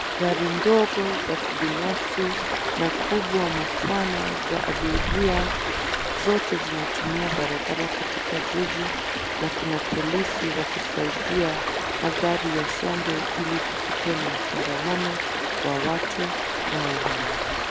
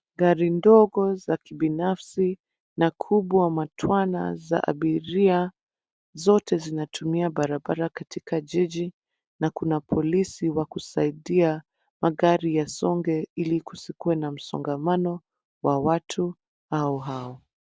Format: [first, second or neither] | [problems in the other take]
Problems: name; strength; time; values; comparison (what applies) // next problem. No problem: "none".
second | background sound (Stream); 1 dB above the speech